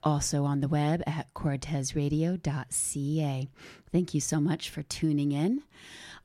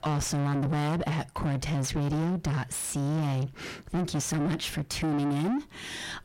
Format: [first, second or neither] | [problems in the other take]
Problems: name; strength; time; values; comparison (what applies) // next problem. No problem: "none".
first | distortion; heavy; 6 dB below the speech